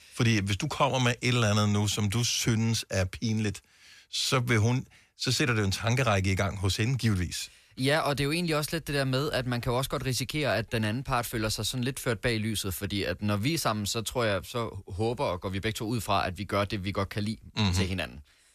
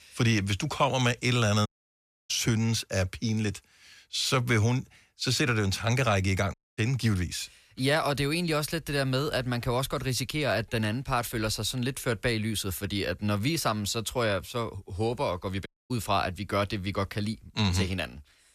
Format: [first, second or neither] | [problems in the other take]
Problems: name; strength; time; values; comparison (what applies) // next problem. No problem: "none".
first | audio cutting out; at 1.5 s for 0.5 s, at 6.5 s and at 16 s